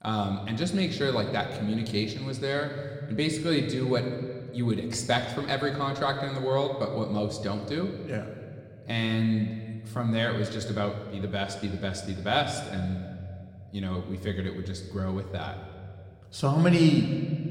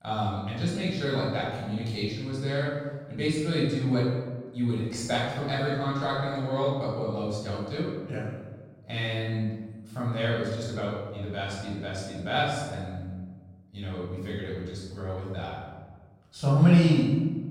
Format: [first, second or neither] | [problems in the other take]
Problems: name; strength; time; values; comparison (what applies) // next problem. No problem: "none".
first | room echo; strong; dies away in 1.2 s; slight in the first // off-mic speech; far